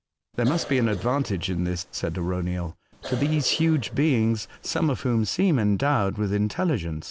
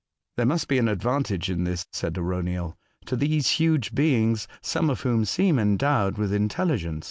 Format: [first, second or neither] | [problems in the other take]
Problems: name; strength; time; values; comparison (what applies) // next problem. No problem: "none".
second | background sound (Cough); 17 dB below the speech